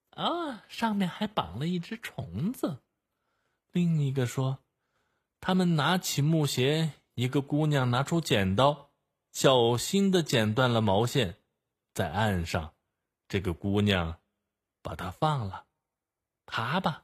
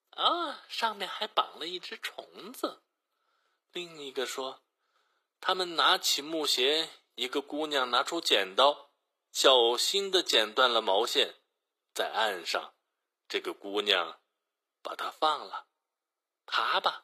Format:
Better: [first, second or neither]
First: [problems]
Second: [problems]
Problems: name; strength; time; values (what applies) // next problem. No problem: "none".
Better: first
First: none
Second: thin; very; fading below 350 Hz